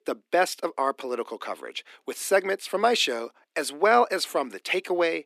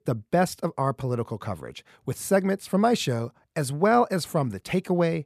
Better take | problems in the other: second | thin; very; fading below 300 Hz

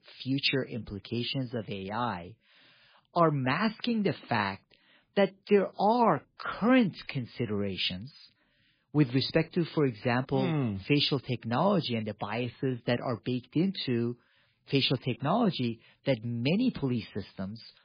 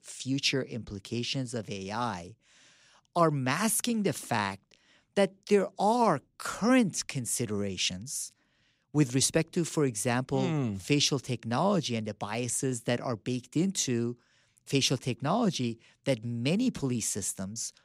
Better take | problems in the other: second | garbled, watery; badly

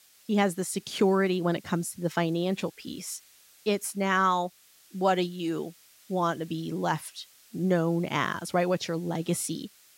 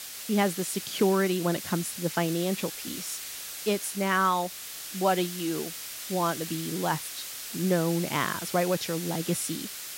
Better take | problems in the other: first | hiss; loud; throughout; 7 dB below the speech; faint in the first

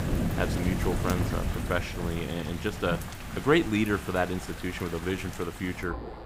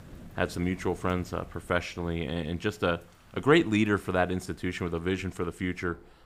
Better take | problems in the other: second | rain or running water; loud; throughout; 4 dB below the speech; faint in the second

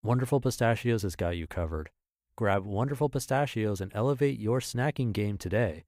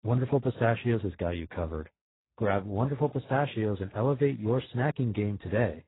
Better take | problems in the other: first | garbled, watery; badly; nothing above 4 kHz

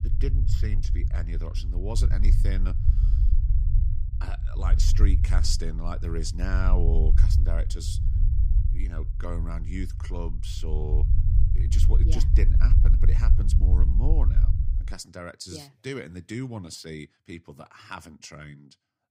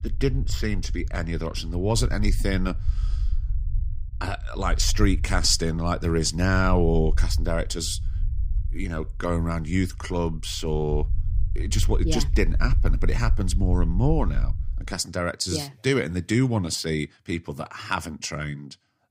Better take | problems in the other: second | low rumble; loud; until 15 s; 6 dB below the speech; faint in the second

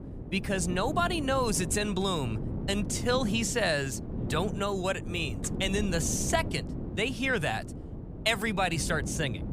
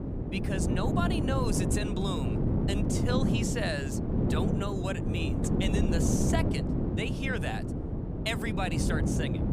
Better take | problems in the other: first | wind noise on the microphone; heavy; 1 dB below the speech; occasional gusts in the first

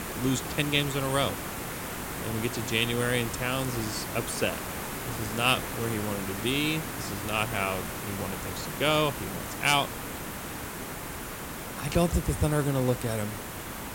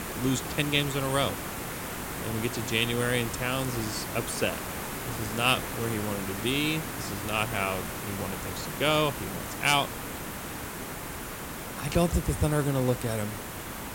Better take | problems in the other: neither | hiss; loud; throughout; 6 dB below the speech; the same in both

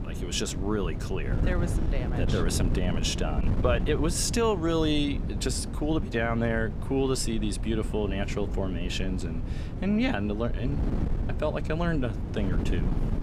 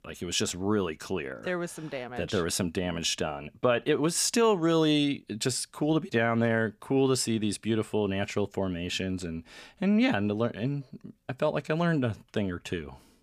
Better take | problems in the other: second | wind noise on the microphone; heavy; 10 dB below the speech

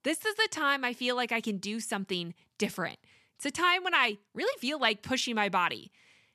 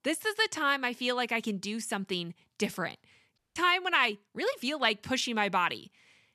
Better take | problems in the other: first | audio cutting out; at 3.5 s

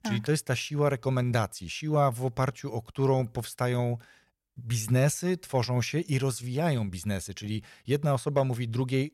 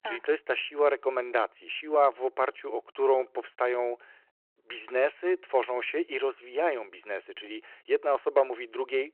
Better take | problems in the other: first | phone-call audio

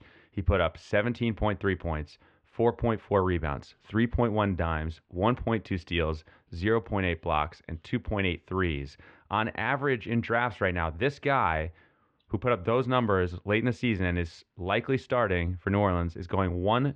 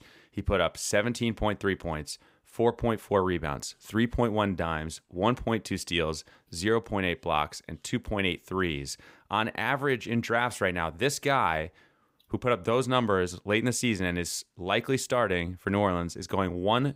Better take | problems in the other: second | muffled; very; fading above 3 kHz

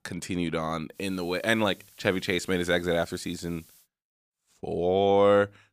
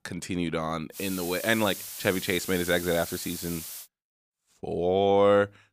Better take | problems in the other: first | hiss; loud; from 1 to 4 s; 10 dB below the speech; faint in the first

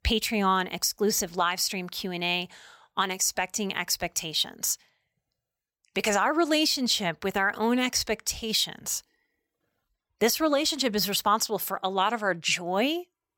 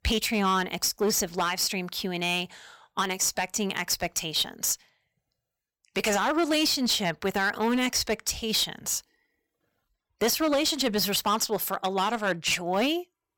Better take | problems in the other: first | distortion; slight; 7% of the sound clipped

